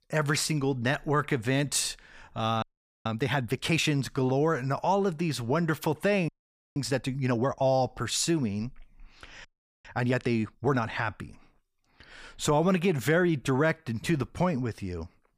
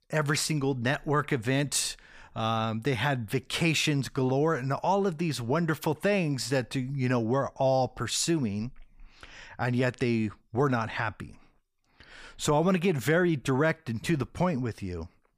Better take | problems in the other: second | audio freezing; at 2.5 s, at 6.5 s and at 9.5 s

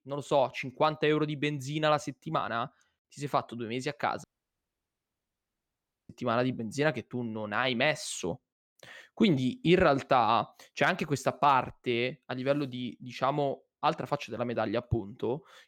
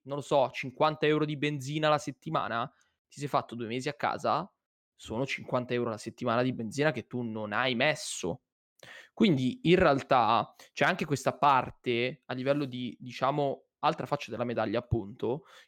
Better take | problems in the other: second | audio cutting out; at 4 s for 2 s

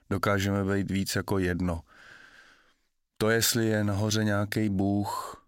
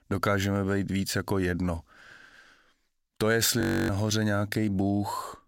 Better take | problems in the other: first | audio freezing; at 3.5 s

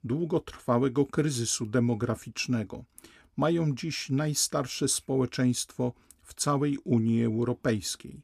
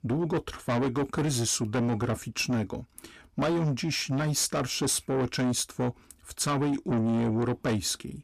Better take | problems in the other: first | distortion; heavy; 7 dB below the speech

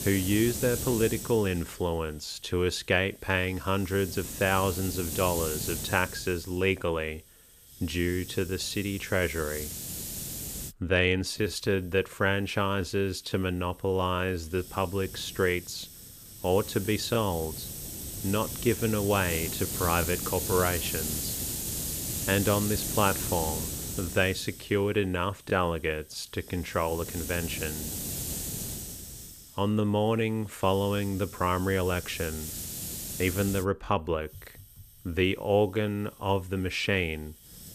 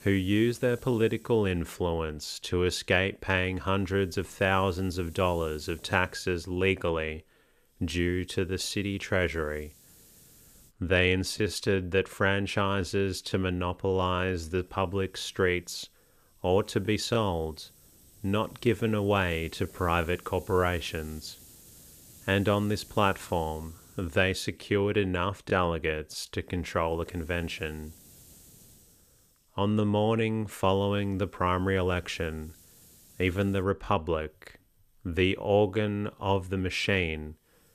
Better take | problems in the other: second | hiss; loud; throughout; 6 dB below the speech; faint in the second

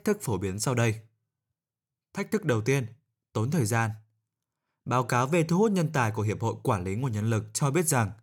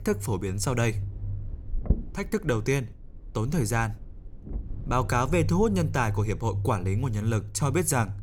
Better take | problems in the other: first | low rumble; noticeable; throughout; 20 dB below the speech

